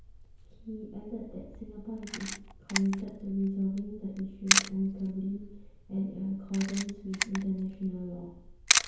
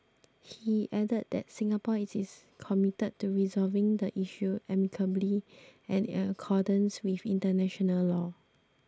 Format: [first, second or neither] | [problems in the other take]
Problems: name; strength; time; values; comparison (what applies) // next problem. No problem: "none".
second | background sound (Camera); as loud as the speech // room echo; dies away in 1 s